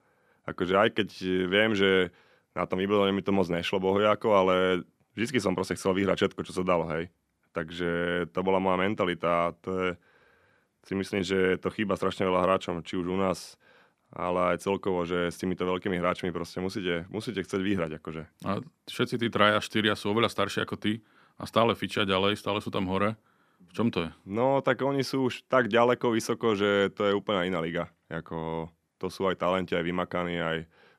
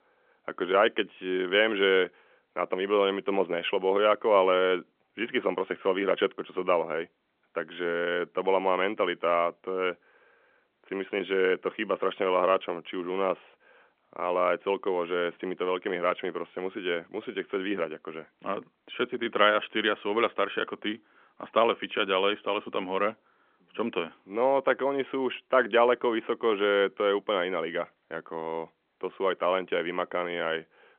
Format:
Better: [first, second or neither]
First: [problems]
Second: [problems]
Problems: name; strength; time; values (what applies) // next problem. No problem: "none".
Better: first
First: none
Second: phone-call audio; nothing above 3.5 kHz